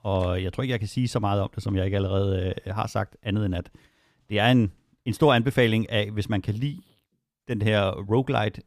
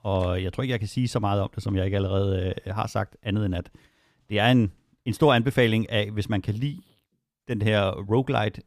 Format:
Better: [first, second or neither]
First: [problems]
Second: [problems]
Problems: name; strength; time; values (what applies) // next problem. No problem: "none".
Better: neither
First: none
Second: none